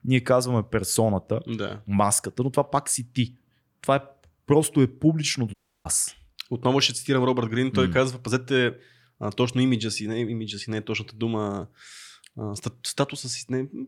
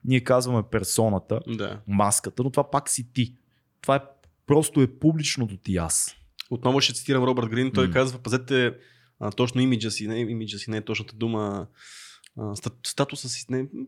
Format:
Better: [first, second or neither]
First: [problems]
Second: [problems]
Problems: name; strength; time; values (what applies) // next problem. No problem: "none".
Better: second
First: audio cutting out; at 5.5 s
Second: none